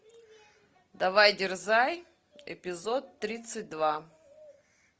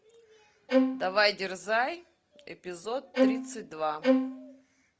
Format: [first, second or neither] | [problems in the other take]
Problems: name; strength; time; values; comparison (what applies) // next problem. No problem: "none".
first | background sound (Bowed string instrument); 5 dB above the speech